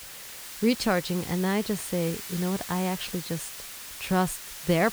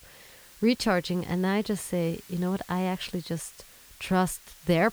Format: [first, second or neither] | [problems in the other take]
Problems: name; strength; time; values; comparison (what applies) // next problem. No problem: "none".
second | hiss; loud; throughout; 9 dB below the speech; faint in the second